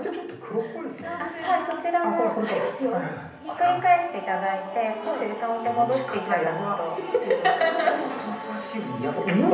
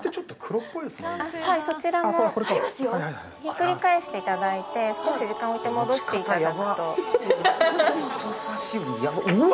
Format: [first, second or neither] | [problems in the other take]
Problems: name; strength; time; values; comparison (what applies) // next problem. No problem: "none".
second | room echo; dies away in 0.8 s